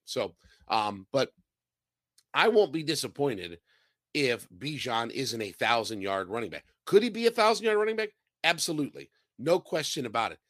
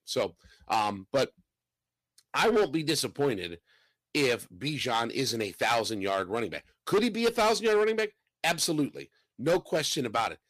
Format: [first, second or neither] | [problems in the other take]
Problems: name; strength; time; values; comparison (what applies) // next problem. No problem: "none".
first | distortion; heavy; 5% of the sound clipped